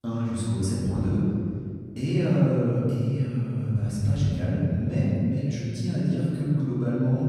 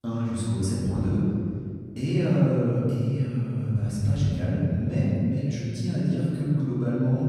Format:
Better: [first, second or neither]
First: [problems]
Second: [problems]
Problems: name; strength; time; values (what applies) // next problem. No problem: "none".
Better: neither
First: off-mic speech; far // room echo; strong; dies away in 2 s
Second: off-mic speech; far // room echo; strong; dies away in 2 s